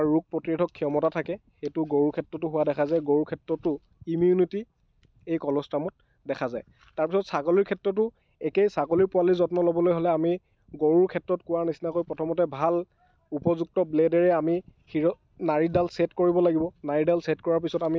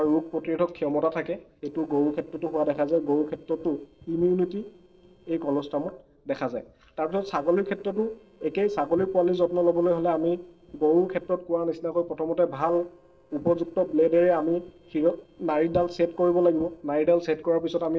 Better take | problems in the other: first | noise reduction (neural separator model SepFormer DNS4)

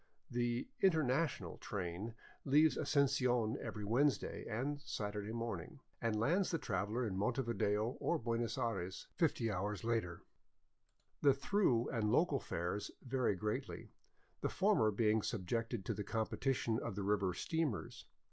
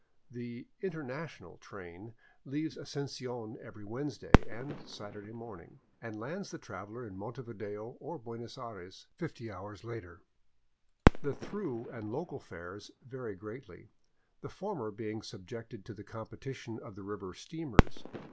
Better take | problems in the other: first | background sound (Fireworks); 5 dB above the speech

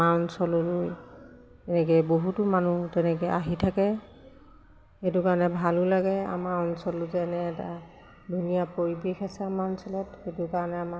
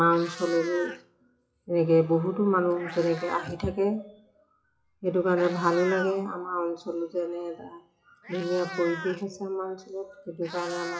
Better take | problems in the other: first | noise reduction (classical method WPE with log-MMSE)

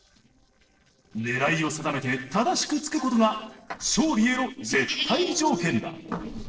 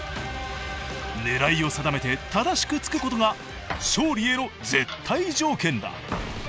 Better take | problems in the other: second | noise reduction (neural separator model SepFormer DNS4)

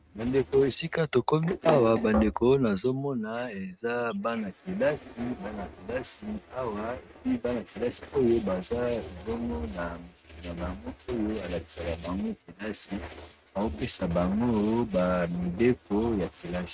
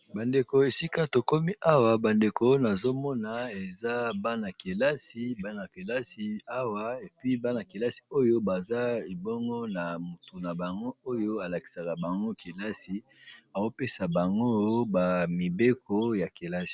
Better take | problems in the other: second | noise reduction (neural mask model RNNoise)

